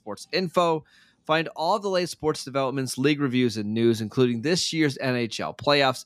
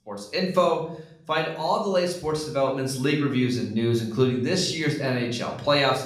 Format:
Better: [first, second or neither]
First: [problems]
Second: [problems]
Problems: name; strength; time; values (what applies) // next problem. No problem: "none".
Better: first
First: none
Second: room echo; slight; dies away in 0.6 s // off-mic speech; somewhat distant